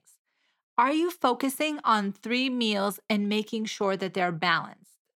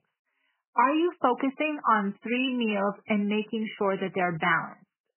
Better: first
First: none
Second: garbled, watery; badly; nothing above 3 kHz

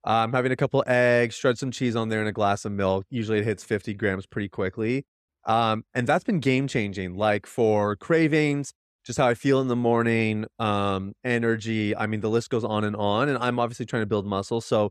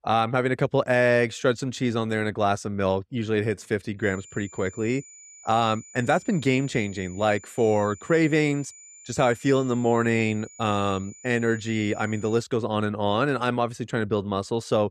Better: first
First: none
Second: high-pitched whine; faint; from 4 to 12 s; 7 kHz, 20 dB below the speech

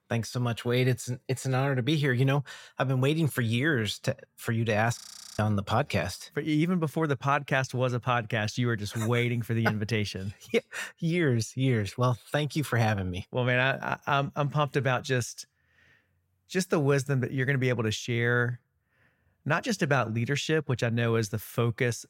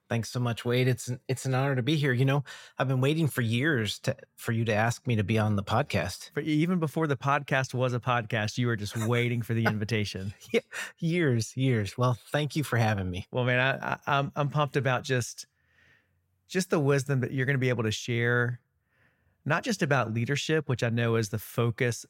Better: second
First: audio freezing; at 5 s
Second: none

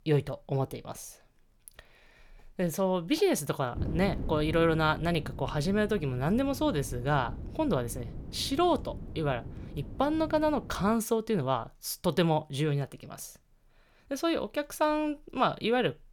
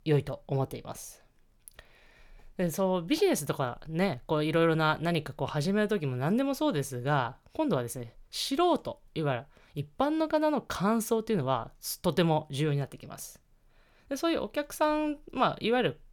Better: second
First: wind noise on the microphone; occasional gusts; from 4 to 11 s; 20 dB below the speech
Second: none

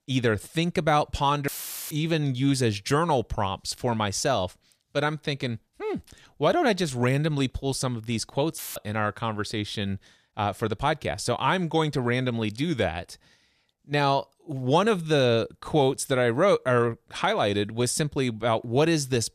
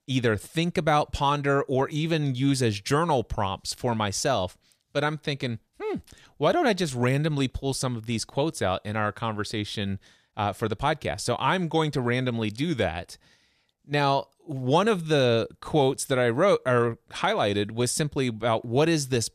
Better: second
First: audio cutting out; filled with static; at 1.5 s and at 8.5 s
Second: none

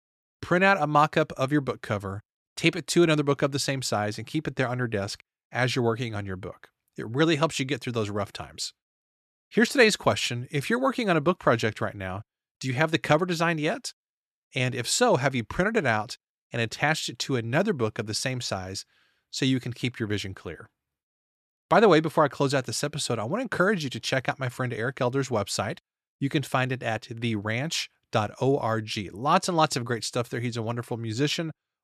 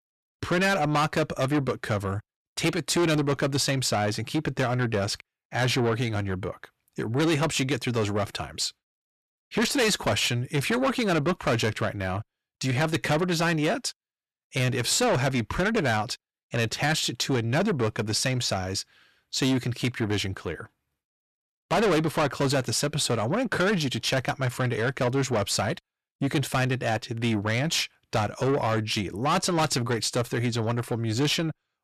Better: first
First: none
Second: distortion; heavy; 6 dB below the speech

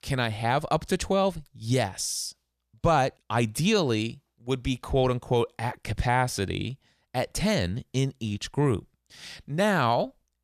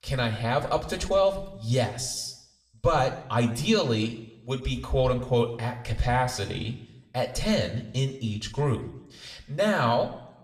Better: first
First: none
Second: room echo; very slight; dies away in 0.6 s // off-mic speech; somewhat distant

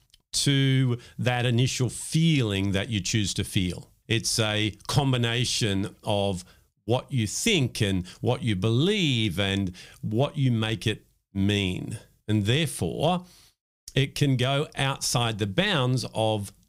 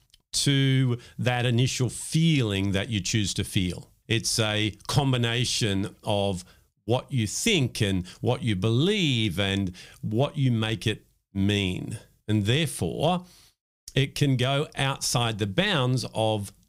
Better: neither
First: none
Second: none

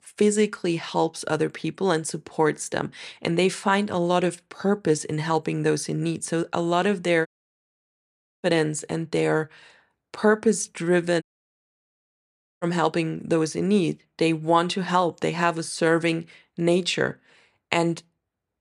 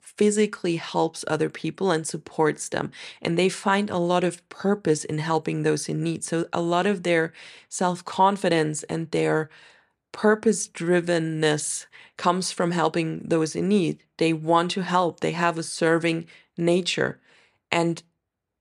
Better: second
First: audio cutting out; at 7.5 s for 1 s and at 11 s for 1.5 s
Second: none

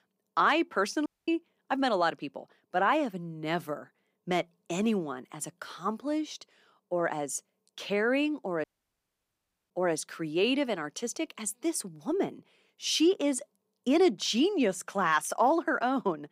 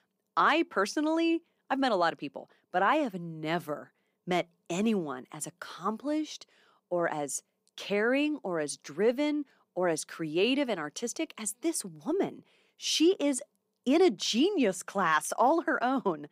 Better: second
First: audio cutting out; at 1 s and at 8.5 s for 1 s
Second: none

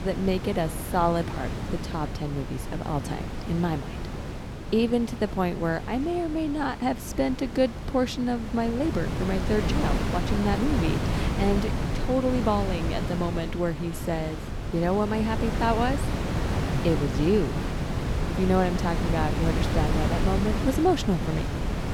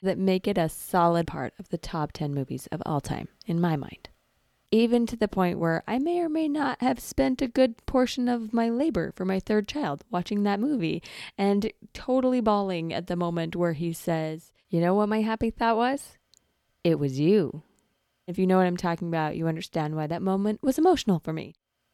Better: second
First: wind noise on the microphone; heavy; 6 dB below the speech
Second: none

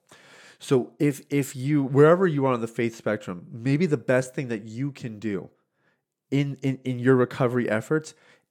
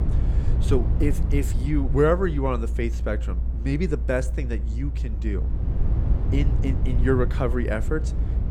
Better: first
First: none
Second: low rumble; noticeable; throughout; 15 dB below the speech

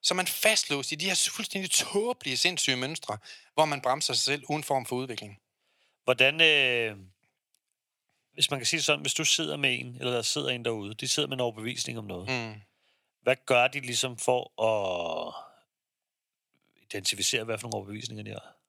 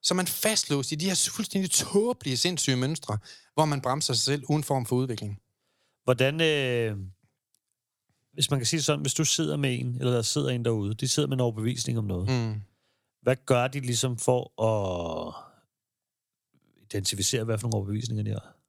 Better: second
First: thin; somewhat; fading below 750 Hz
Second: none

